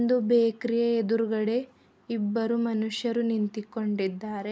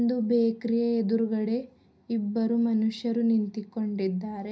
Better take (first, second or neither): first